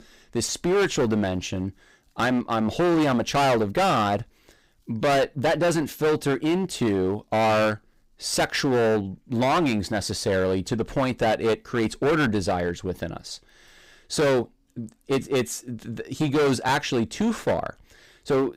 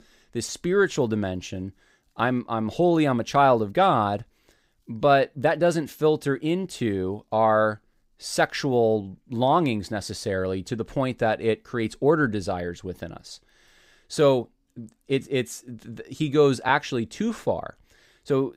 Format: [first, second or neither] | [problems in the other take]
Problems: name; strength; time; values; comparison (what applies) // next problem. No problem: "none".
second | distortion; heavy; 16% of the sound clipped